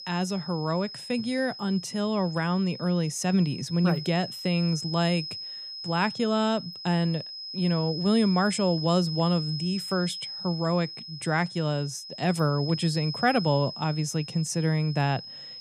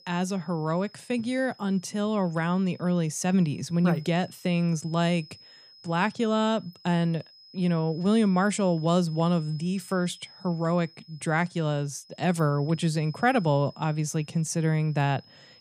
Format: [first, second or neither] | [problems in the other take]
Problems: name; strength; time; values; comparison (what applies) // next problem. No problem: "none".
second | high-pitched whine; loud; throughout; 5 kHz, 9 dB below the speech; faint in the second